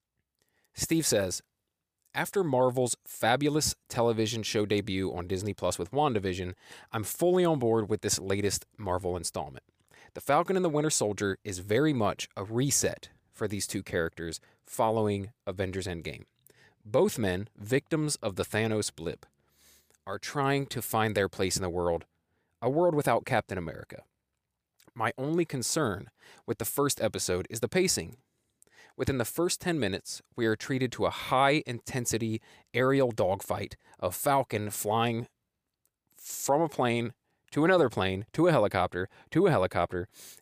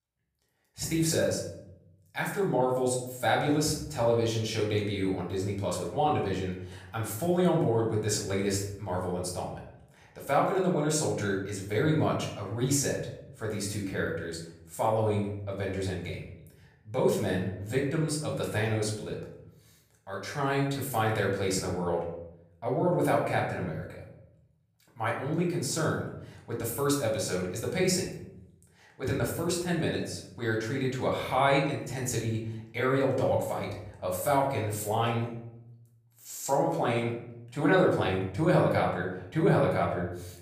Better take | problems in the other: first | off-mic speech; far // room echo; noticeable; dies away in 0.7 s

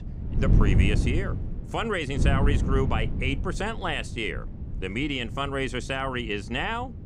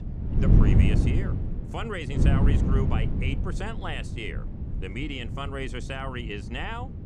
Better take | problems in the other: first | wind noise on the microphone; heavy; 2 dB below the speech; occasional gusts in the first

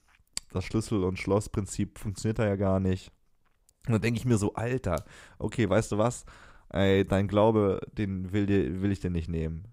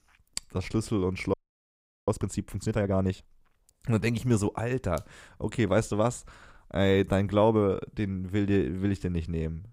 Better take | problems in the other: first | audio freezing; at 1.5 s for 0.5 s

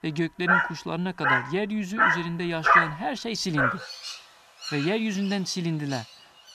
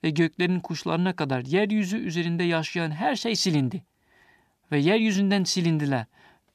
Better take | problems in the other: second | animal sounds; very loud; throughout; 5 dB above the speech

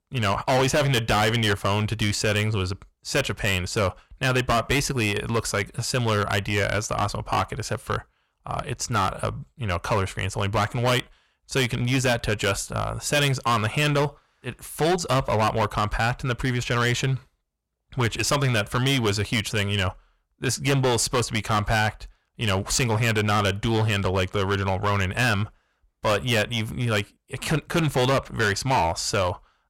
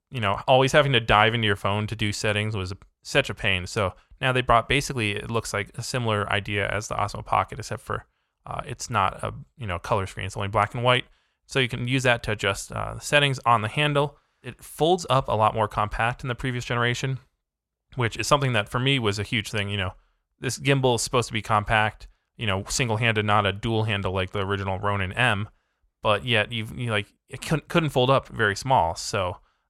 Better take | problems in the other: second | distortion; heavy; 11% of the sound clipped

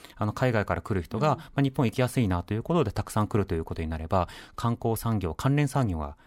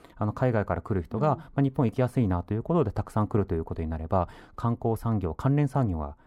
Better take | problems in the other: first | muffled; slightly; fading above 2 kHz

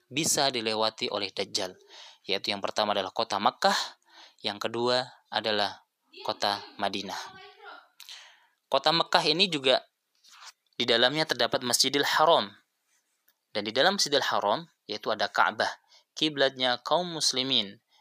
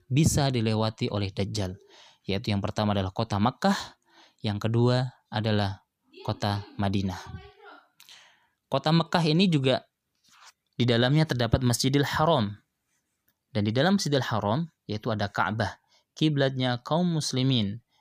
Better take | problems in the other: second | thin; very; fading below 500 Hz

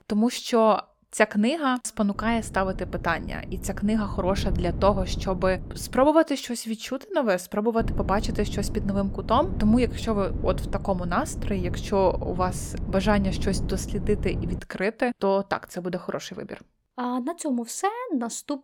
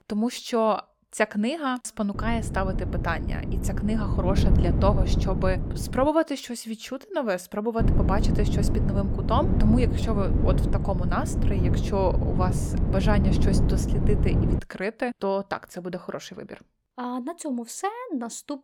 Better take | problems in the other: first | wind noise on the microphone; heavy; from 2 to 6 s and from 8 to 15 s; 6 dB below the speech; occasional gusts in the first

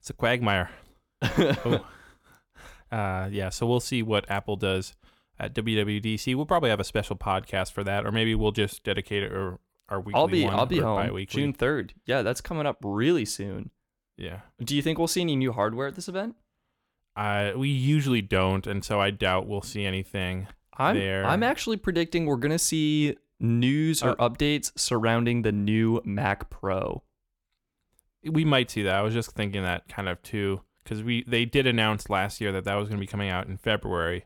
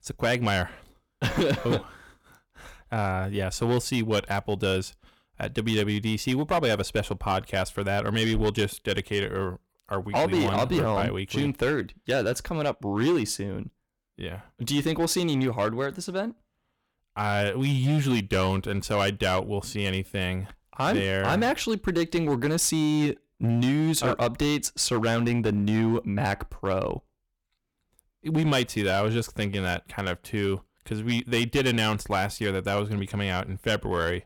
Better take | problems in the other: first | distortion; slight; 6% of the sound clipped

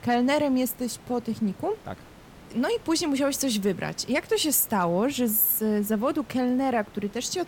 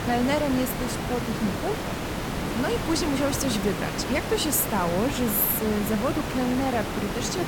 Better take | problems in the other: first | hiss; loud; throughout; 3 dB below the speech; faint in the first

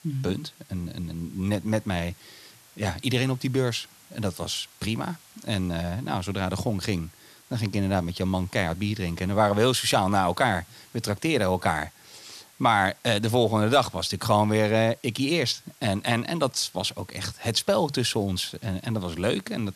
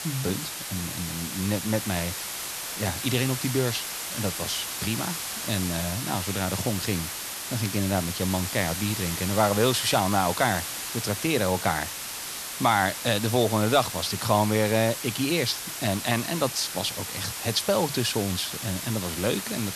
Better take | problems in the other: first | hiss; loud; throughout; 4 dB below the speech; faint in the first

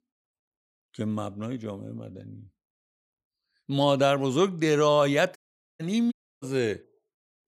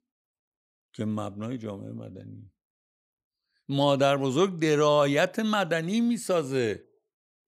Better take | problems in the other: second | audio cutting out; at 5.5 s and at 6 s

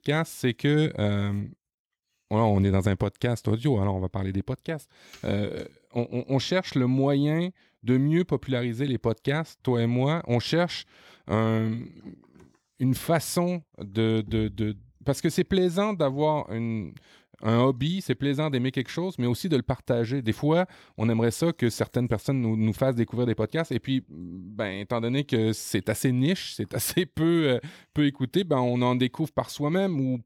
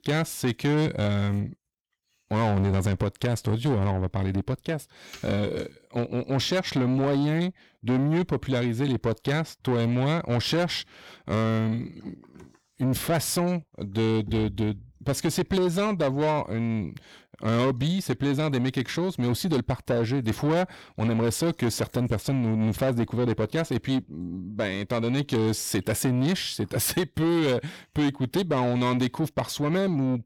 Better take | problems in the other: first | distortion; slight; 10 dB below the speech

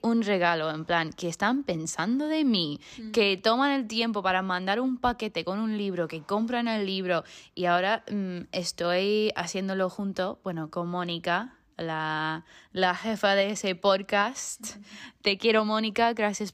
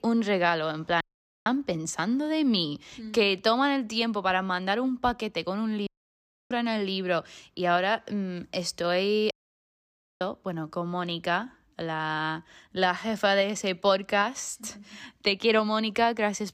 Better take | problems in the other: first | audio cutting out; at 1 s, at 6 s for 0.5 s and at 9.5 s for 1 s

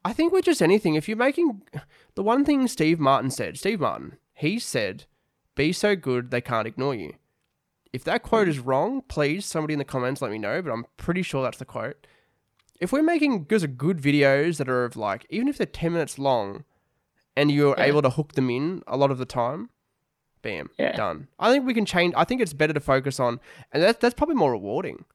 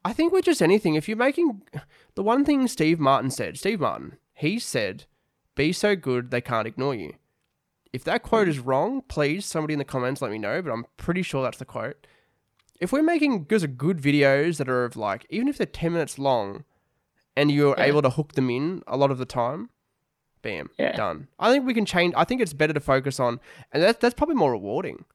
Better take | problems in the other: neither | none

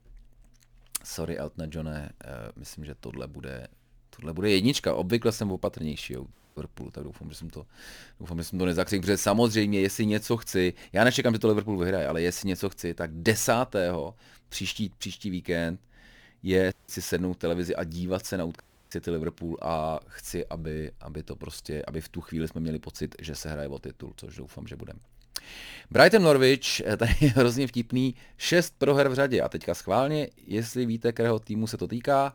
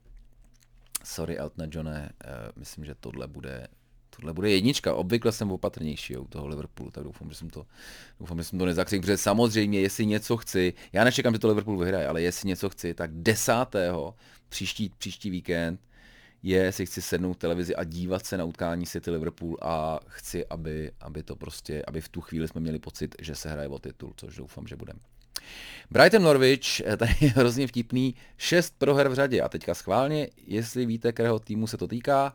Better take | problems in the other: second | audio cutting out; at 6.5 s, at 17 s and at 19 s

